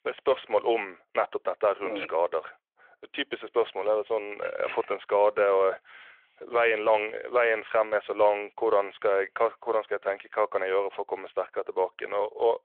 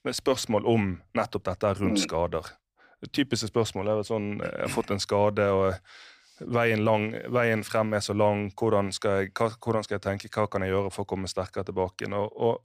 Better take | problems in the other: second | phone-call audio

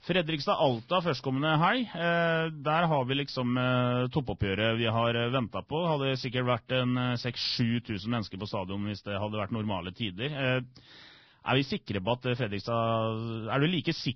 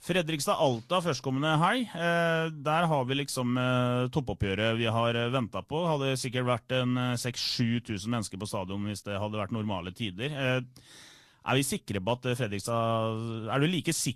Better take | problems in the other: second | garbled, watery; badly; nothing above 5.5 kHz; slightly in the second

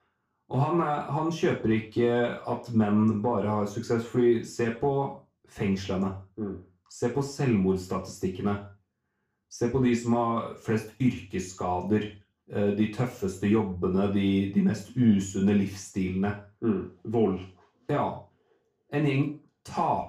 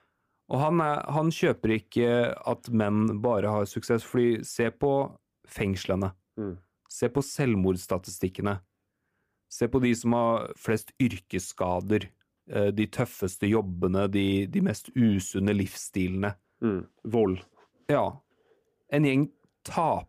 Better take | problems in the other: second | room echo; slight; dies away in 0.4 s // off-mic speech; far

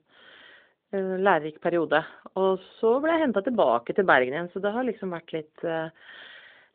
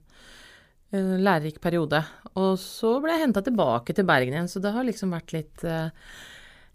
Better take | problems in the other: second | phone-call audio

